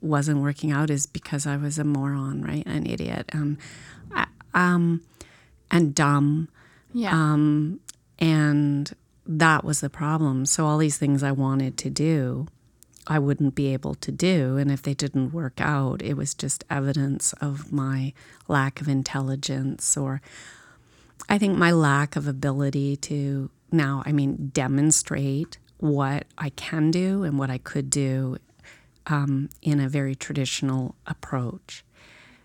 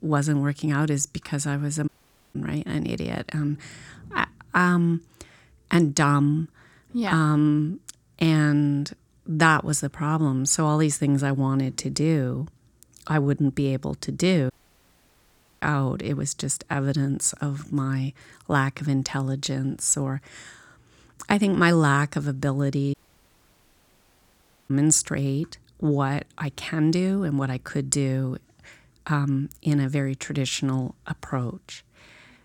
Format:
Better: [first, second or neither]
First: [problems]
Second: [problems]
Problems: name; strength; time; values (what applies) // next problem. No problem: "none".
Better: first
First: none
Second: audio cutting out; at 2 s, at 15 s for 1 s and at 23 s for 2 s